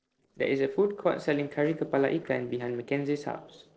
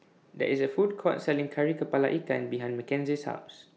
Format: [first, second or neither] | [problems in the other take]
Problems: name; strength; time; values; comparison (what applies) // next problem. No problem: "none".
second | noise reduction (neural separator model SepFormer DNS4)